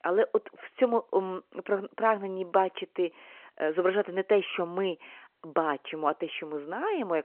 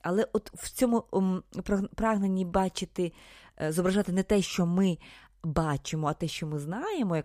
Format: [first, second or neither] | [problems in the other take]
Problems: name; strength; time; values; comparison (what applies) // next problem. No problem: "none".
second | phone-call audio